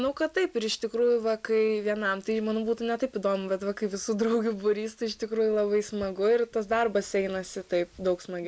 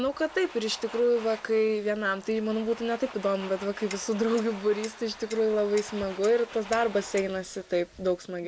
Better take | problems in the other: first | background sound (Clock + Domestic sounds, home sounds); 17 dB below the speech

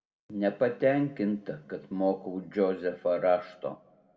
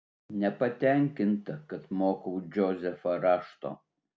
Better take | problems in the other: second | room echo; dies away in 0.7 s

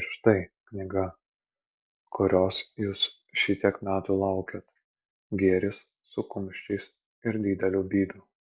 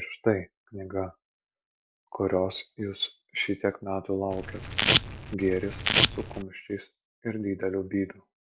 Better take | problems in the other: first | background sound (Domestic sounds, home sounds); 4 dB above the speech

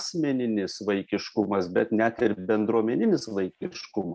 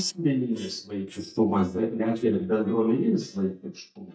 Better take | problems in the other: first | noise reduction (neural mask model DeepFilterNet 3)

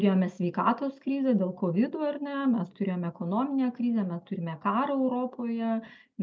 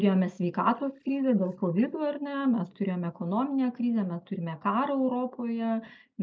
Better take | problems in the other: first | noise reduction (neural mask model Resemble Enhance denoiser)

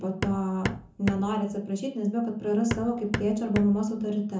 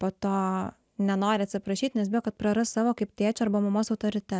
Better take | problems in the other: second | background sound (Hammer); 7 dB below the speech // room echo; dies away in 0.6 s

